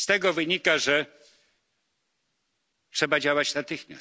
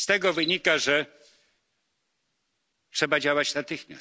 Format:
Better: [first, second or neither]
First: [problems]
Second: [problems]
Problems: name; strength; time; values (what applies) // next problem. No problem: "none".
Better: first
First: none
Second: background sound (Cricket); 16 dB below the speech